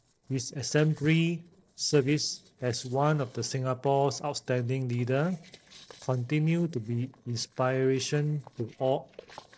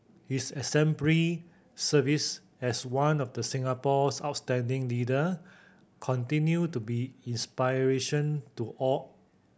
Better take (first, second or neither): second